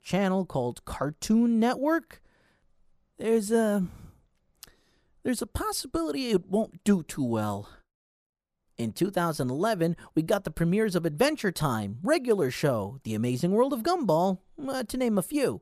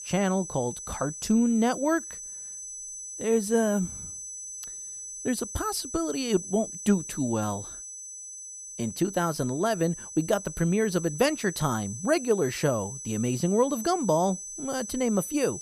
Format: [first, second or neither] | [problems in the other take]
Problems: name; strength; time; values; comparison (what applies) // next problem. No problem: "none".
first | high-pitched whine; loud; throughout; 6 kHz, 9 dB below the speech